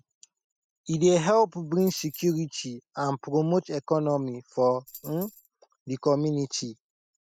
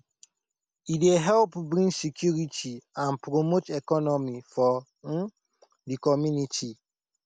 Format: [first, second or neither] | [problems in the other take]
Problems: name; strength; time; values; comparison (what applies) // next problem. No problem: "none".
second | noise reduction (classical method spectral subtraction)